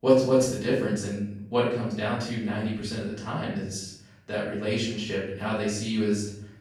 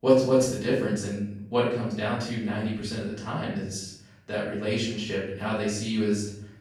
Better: neither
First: room echo; noticeable; dies away in 0.7 s // off-mic speech; far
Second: room echo; noticeable; dies away in 0.7 s // off-mic speech; far

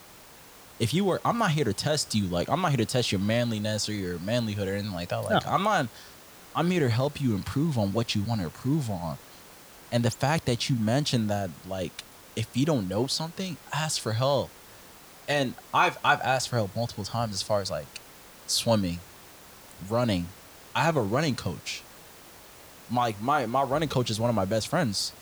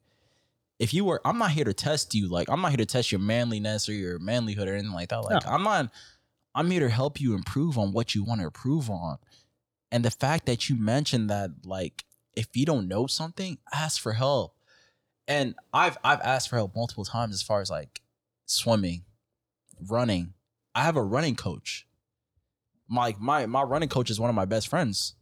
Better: second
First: hiss; faint; throughout; 20 dB below the speech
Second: none

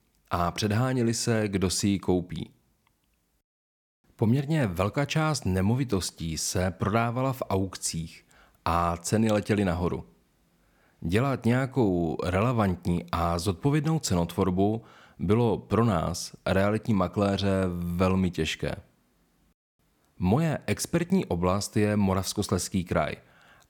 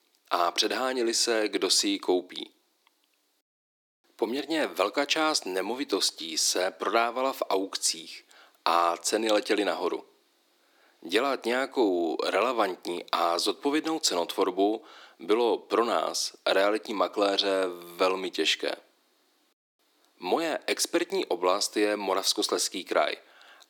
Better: first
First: none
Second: thin; very; fading below 300 Hz

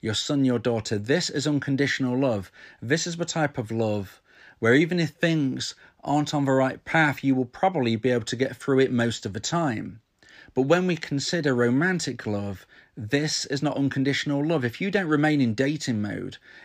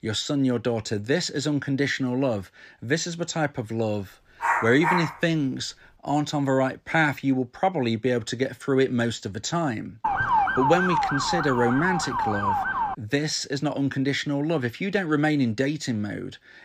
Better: first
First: none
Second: dog barking; loud; at 4.5 s; peak 1 dB above the speech // siren; loud; from 10 to 13 s; peak 3 dB above the speech

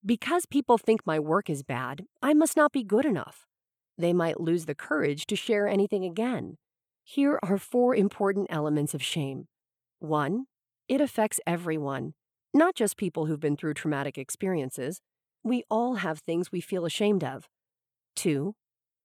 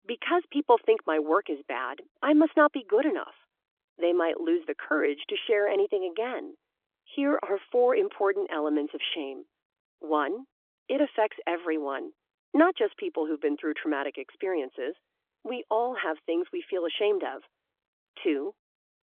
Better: first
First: none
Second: phone-call audio; nothing above 3.5 kHz

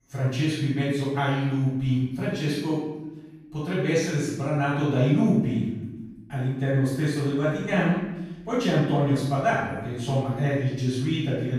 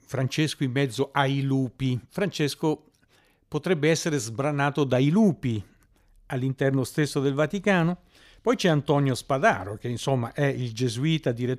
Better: second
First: off-mic speech; far // room echo; strong; dies away in 1 s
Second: none

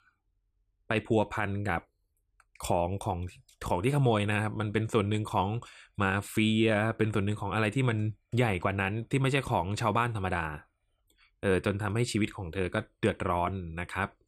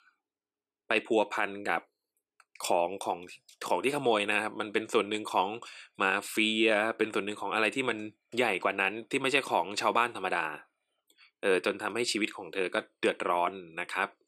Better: first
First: none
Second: thin; somewhat; fading below 300 Hz

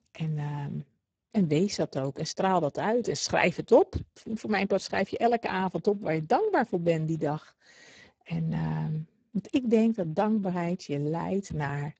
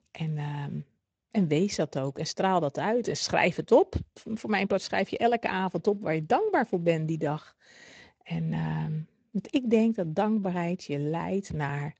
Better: second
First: garbled, watery; badly; nothing above 7.5 kHz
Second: garbled, watery; slightly; nothing above 7.5 kHz

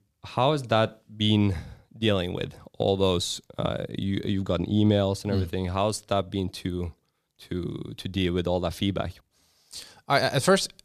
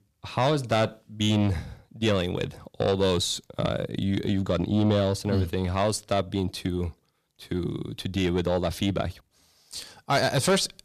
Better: first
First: none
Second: distortion; slight; 10 dB below the speech

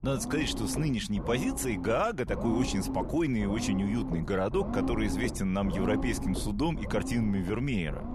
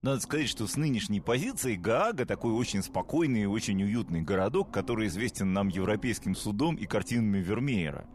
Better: second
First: low rumble; loud; throughout; 7 dB below the speech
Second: low rumble; faint; throughout; 20 dB below the speech

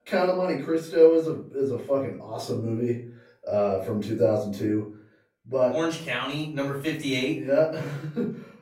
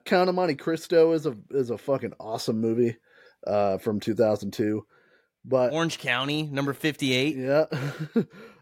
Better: second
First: off-mic speech; far // room echo; slight; dies away in 0.4 s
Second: none

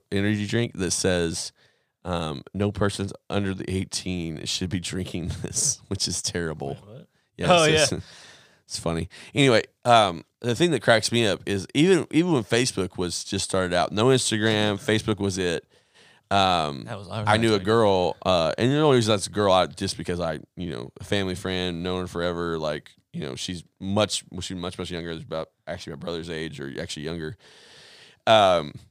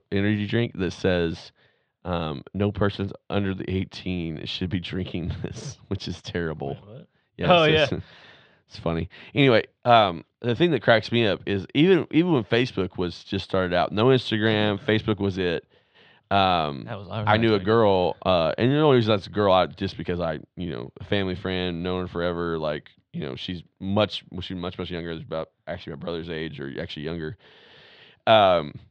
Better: first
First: none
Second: muffled; slightly; fading above 3.5 kHz

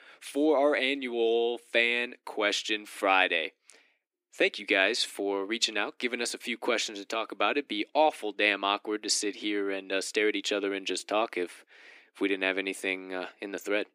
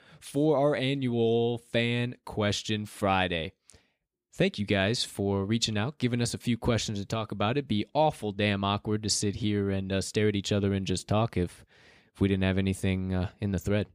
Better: second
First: thin; somewhat; fading below 300 Hz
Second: none

